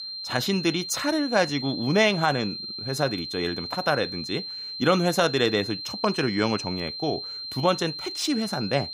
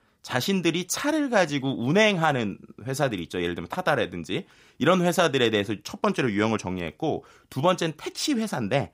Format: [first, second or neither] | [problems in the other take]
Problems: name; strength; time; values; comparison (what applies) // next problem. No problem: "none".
second | high-pitched whine; loud; throughout; 4 kHz, 7 dB below the speech